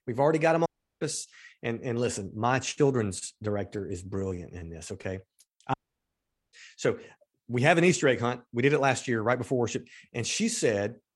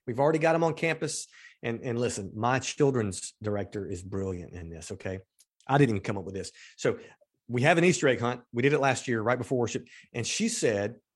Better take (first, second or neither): second